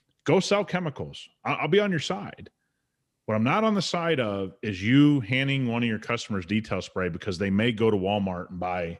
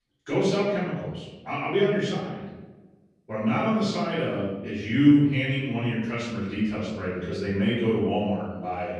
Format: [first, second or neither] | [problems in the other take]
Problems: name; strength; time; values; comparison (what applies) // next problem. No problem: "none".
first | off-mic speech; far // room echo; noticeable; dies away in 1 s